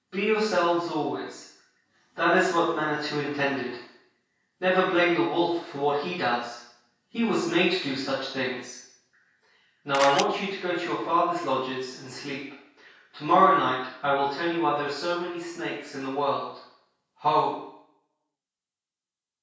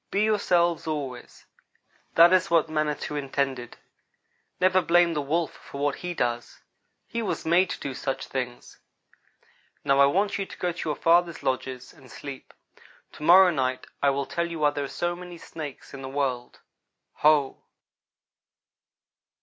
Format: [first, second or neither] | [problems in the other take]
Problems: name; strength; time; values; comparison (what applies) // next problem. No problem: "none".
second | background sound (Camera); 2 dB below the speech // room echo; dies away in 0.6 s